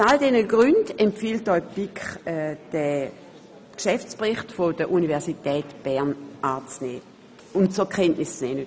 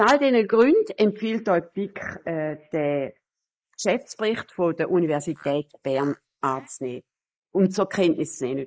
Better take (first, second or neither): first